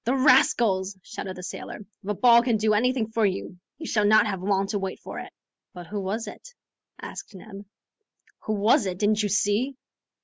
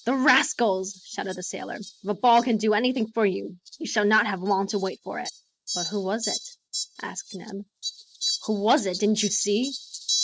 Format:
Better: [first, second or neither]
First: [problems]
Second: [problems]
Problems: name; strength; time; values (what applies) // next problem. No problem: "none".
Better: first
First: none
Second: noise reduction (neural mask model RNNoise)